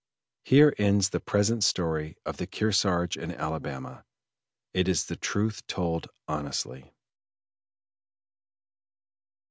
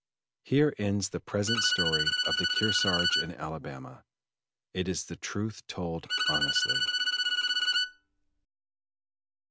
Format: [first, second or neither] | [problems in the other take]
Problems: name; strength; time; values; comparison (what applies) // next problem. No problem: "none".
first | background sound (Bowed string instrument); 4 dB above the speech